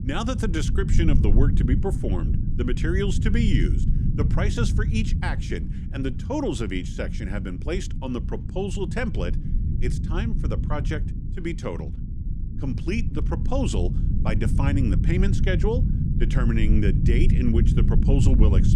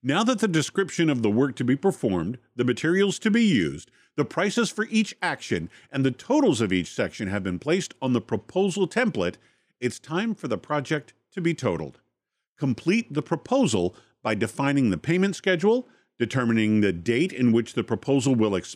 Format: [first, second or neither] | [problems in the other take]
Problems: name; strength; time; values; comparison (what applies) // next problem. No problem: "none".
second | low rumble; loud; throughout; 6 dB below the speech